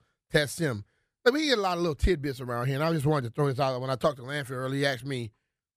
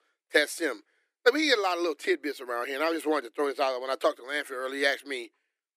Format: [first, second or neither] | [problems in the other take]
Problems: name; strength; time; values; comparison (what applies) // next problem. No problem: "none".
first | thin; somewhat; fading below 300 Hz